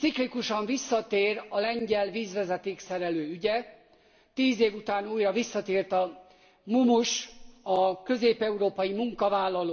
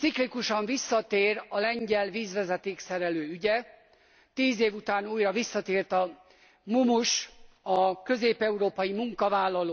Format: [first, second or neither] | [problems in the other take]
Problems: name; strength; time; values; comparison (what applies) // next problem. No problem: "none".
second | room echo; dies away in 0.9 s